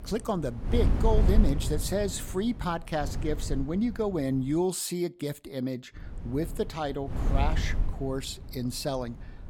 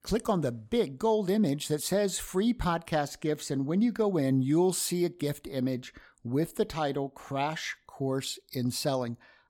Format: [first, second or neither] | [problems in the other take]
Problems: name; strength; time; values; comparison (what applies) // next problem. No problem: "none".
second | wind noise on the microphone; occasional gusts; until 4.5 s and from 6 s on; 10 dB below the speech